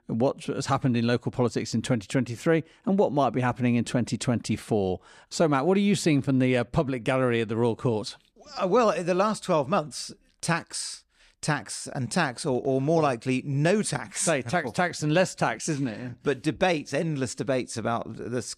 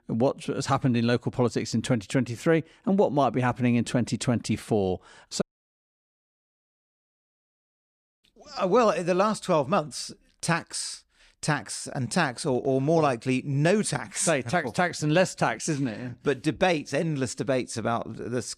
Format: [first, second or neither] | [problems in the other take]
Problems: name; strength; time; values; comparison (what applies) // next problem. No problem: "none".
first | audio cutting out; at 5.5 s for 3 s